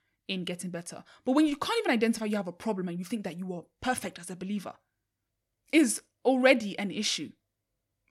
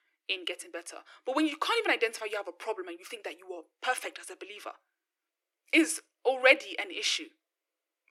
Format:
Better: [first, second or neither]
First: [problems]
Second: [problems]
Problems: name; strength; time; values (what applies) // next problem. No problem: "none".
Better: first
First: none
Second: thin; very; fading below 300 Hz